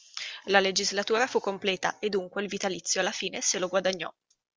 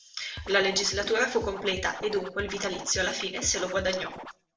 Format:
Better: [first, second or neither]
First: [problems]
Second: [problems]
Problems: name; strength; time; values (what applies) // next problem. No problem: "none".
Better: first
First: none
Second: background sound (Scratching (performance technique)); 12 dB below the speech // room echo; dies away in 0.4 s